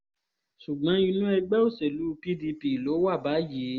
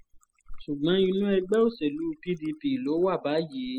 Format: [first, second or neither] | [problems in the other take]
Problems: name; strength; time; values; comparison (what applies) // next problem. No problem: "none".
first | noise reduction (classical method spectral subtraction)